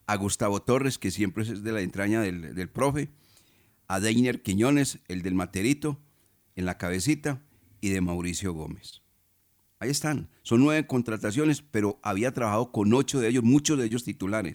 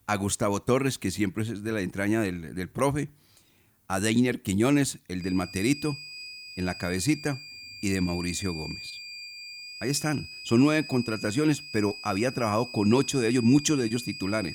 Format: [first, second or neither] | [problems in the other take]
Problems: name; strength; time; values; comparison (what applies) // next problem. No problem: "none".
first | high-pitched whine; noticeable; from 5 s on; 4.5 kHz, 10 dB below the speech